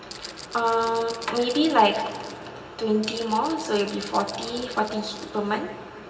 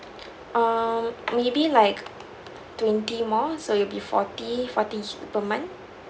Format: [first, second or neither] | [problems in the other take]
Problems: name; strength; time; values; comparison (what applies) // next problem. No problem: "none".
second | background sound (Rattle (instrument)); 16 dB below the speech // room echo; dies away in 2.6 s